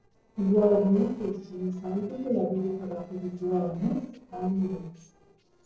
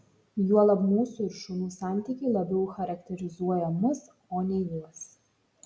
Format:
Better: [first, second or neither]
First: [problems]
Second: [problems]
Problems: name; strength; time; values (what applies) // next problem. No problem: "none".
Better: second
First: noise reduction (neural separator model SepFormer DNS4)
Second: none